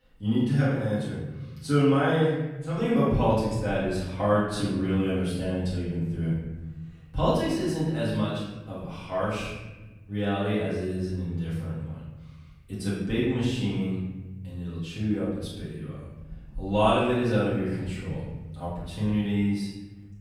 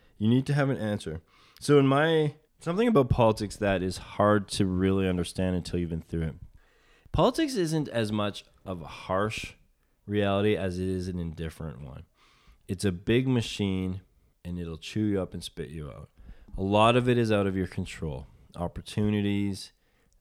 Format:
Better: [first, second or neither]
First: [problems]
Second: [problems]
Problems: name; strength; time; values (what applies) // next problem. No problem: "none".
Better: second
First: off-mic speech; far // room echo; noticeable; dies away in 1.2 s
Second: none